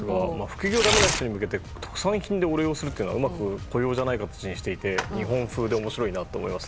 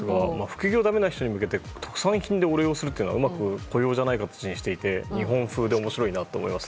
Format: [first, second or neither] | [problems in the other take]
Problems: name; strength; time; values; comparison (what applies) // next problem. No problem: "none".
second | background sound (Tearing); 6 dB below the speech